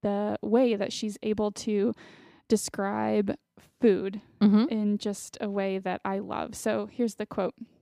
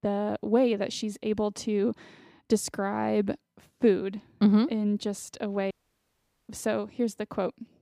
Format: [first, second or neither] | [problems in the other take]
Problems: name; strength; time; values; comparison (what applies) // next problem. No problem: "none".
first | audio cutting out; at 5.5 s for 1 s